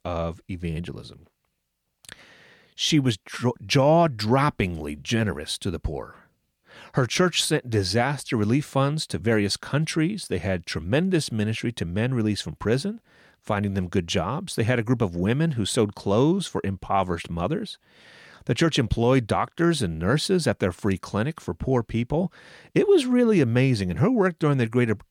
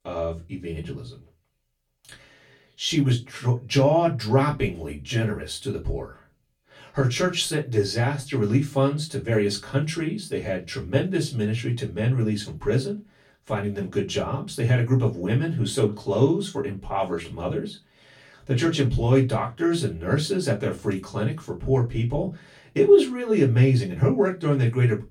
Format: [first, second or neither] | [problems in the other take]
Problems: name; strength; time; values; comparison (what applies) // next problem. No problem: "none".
first | off-mic speech; far // room echo; very slight; dies away in 0.2 s